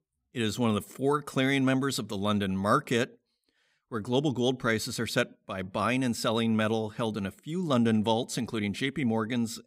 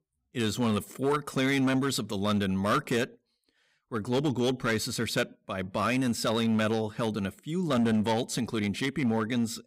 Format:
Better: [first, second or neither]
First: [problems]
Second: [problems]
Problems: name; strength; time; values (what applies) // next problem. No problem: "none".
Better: first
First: none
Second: distortion; slight; 7% of the sound clipped